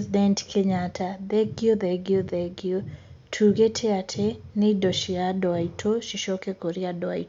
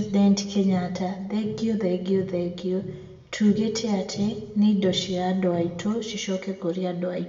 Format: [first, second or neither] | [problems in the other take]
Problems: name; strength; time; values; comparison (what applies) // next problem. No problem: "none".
first | room echo; dies away in 0.8 s